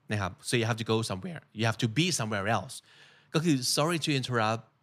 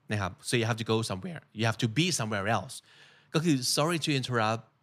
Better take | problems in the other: neither | none

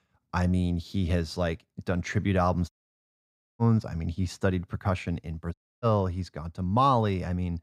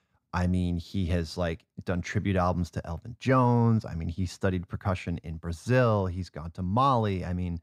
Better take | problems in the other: second | audio cutting out; at 2.5 s for 1 s and at 5.5 s

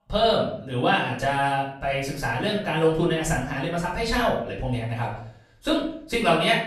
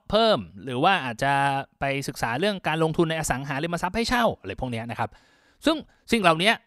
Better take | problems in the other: second | room echo; noticeable; dies away in 0.5 s // off-mic speech; far

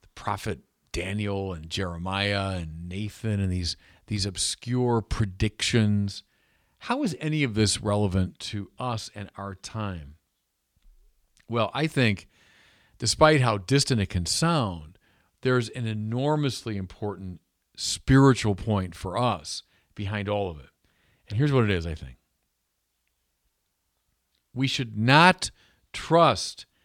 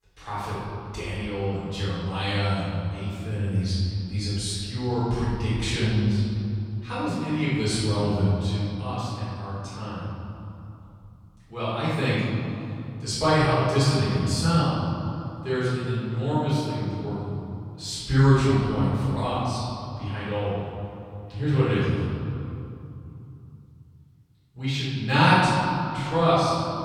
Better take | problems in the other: first | off-mic speech; far // room echo; strong; dies away in 2.9 s

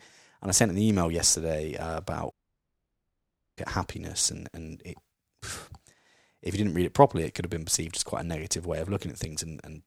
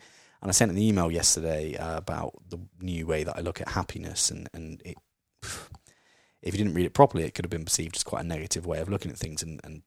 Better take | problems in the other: second | audio cutting out; at 2.5 s for 1.5 s

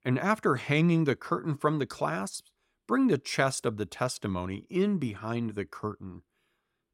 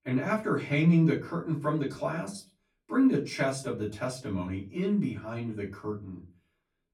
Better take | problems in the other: first | off-mic speech; far // room echo; very slight; dies away in 0.3 s

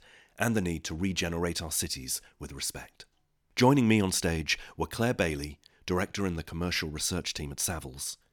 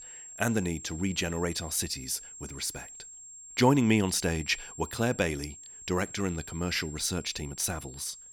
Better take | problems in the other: first | high-pitched whine; noticeable; throughout; 7.5 kHz, 15 dB below the speech

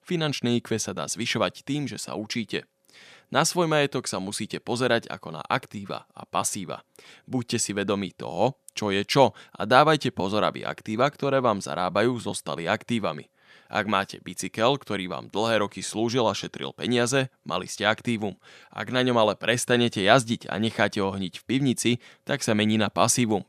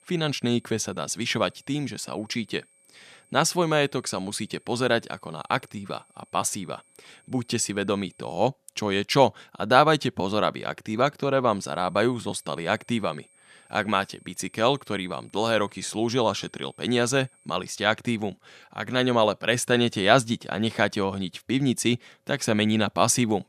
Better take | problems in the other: first | high-pitched whine; faint; until 8.5 s and from 12 to 18 s; 8.5 kHz, 30 dB below the speech

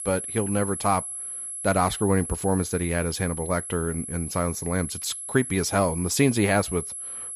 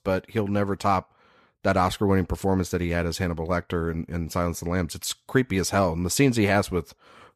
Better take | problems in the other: second | high-pitched whine; loud; throughout; 11 kHz, 7 dB below the speech

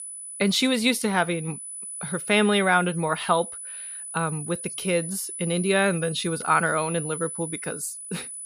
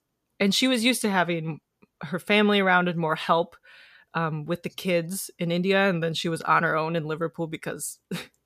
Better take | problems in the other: second | high-pitched whine; loud; throughout; 10 kHz, 9 dB below the speech

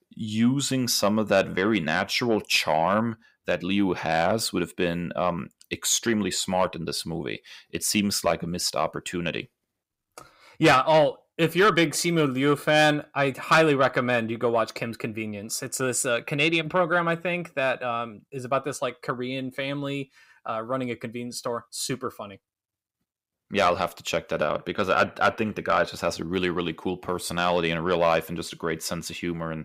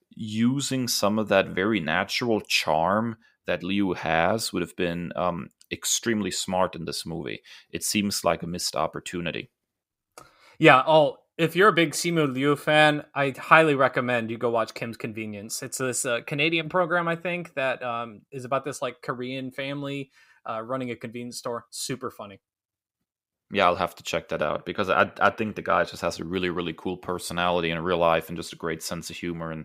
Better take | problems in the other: second | distortion; slight; 10 dB below the speech

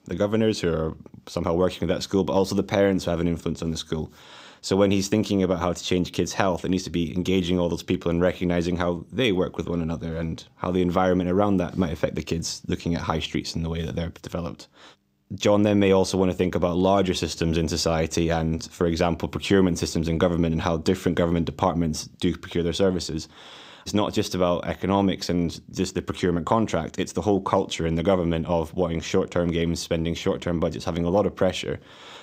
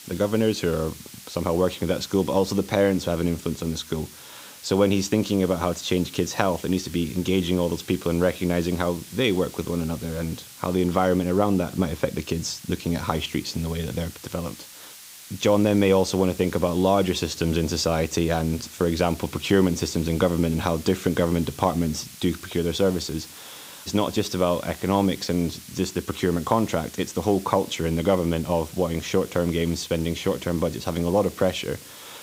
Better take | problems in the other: first | hiss; noticeable; throughout; 15 dB below the speech

